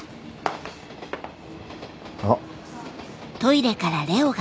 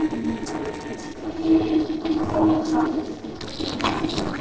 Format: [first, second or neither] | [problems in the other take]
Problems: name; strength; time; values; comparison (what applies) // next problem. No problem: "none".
first | noise reduction (neural separator model SepFormer DNS4)